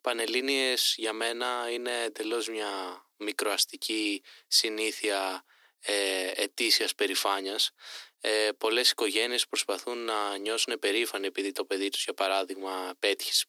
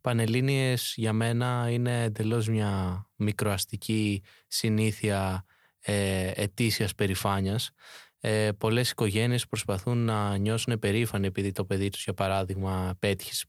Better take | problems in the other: second | thin; very; fading below 300 Hz

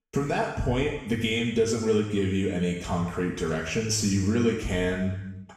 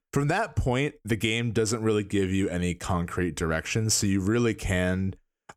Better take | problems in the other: second | room echo; noticeable; dies away in 0.9 s // off-mic speech; far

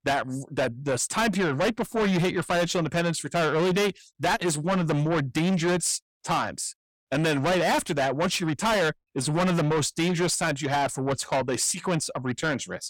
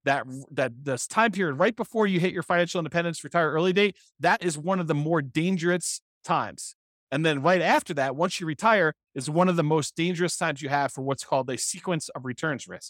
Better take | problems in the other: second | distortion; heavy; 6 dB below the speech

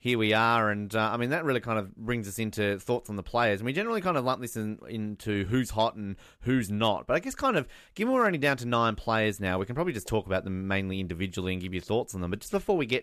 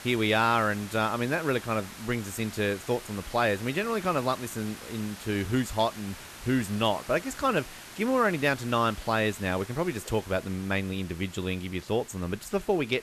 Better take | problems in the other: first | hiss; noticeable; throughout; 15 dB below the speech

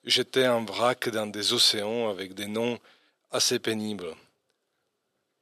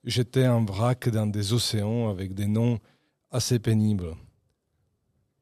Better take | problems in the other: second | thin; somewhat; fading below 400 Hz

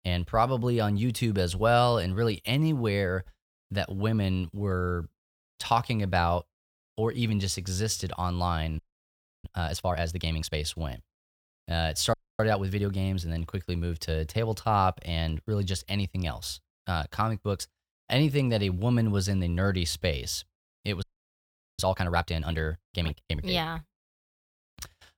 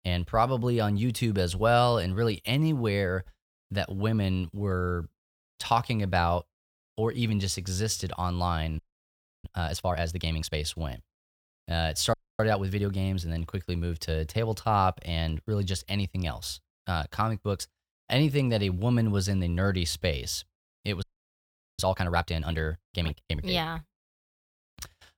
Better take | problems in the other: neither | audio freezing; at 9 s for 0.5 s, at 12 s and at 21 s for 1 s; the same in both

